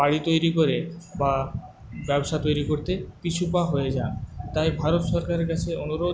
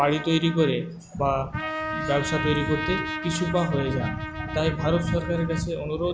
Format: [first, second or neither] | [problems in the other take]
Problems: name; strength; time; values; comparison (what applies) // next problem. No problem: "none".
first | background sound (Trumpet); 8 dB below the speech